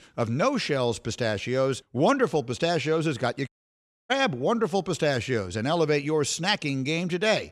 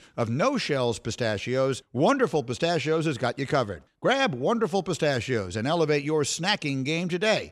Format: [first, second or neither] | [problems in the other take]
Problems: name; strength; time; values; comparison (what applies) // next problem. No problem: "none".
second | audio cutting out; at 3.5 s for 0.5 s